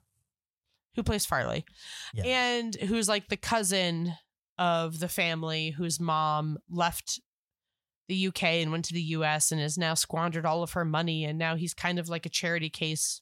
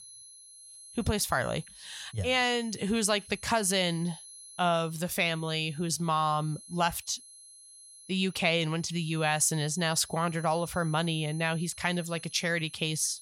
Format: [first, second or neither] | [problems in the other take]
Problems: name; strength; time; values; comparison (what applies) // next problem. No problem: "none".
first | high-pitched whine; noticeable; throughout; 10.5 kHz, 20 dB below the speech